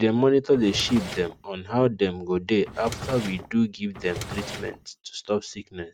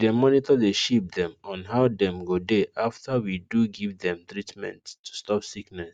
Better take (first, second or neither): second